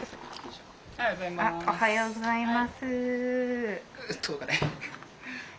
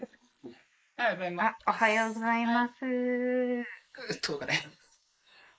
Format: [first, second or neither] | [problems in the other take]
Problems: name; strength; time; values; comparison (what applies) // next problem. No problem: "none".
first | noise reduction (neural mask model Resemble Enhance denoiser)